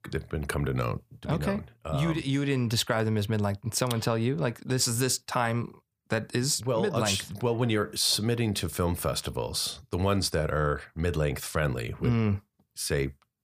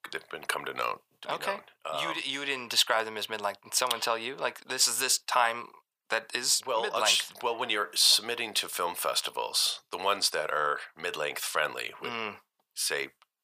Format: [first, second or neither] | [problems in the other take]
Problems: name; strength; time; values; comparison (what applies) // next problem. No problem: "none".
first | thin; very; fading below 800 Hz